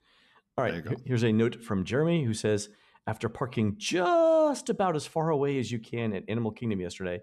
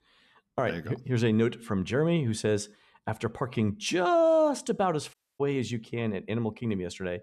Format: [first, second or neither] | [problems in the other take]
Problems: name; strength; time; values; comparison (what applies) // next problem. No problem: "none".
first | audio cutting out; at 5 s